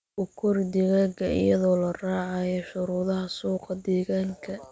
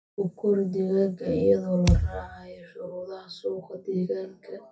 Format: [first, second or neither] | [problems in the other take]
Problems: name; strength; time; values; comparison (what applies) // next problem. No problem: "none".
first | noise reduction (classical method WPE with log-MMSE)